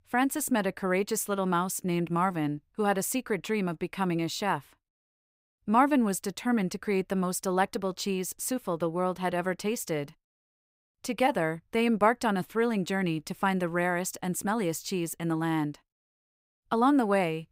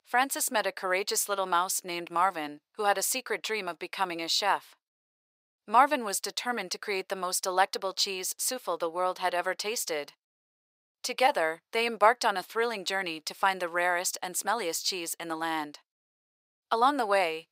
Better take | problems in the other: first | thin; very; fading below 650 Hz

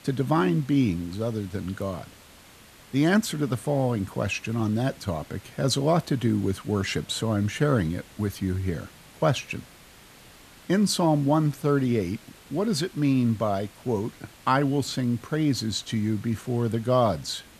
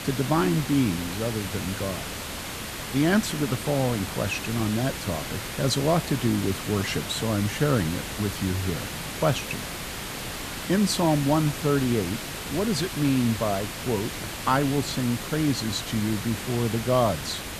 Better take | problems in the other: first | hiss; loud; throughout; 6 dB below the speech; faint in the first

